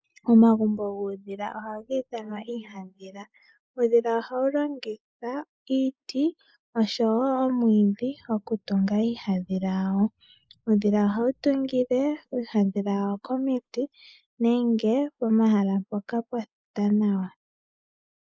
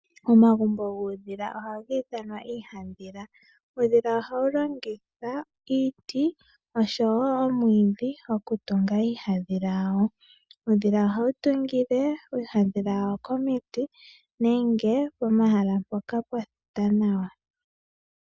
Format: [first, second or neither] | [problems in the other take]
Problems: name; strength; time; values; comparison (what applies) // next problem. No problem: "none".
second | noise reduction (neural mask model Resemble Enhance denoiser)